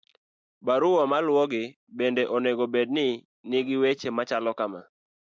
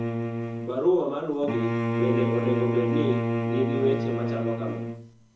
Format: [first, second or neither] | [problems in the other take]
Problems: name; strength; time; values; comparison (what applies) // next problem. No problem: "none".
first | background sound (Bowed string instrument); 1 dB above the speech // room echo; dies away in 0.5 s